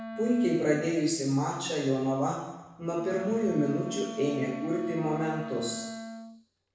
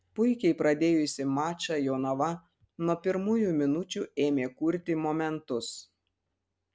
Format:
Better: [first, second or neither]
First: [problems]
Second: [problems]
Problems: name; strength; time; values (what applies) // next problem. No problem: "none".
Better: second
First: background sound (Wind instrument, woodwind instrument); 12 dB below the speech // room echo; dies away in 1 s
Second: none